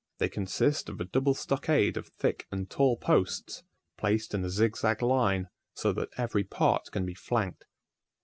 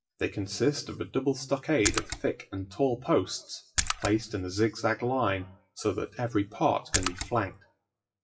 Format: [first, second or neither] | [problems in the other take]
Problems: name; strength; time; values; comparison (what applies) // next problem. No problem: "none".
first | noise reduction (classical method WPE with log-MMSE)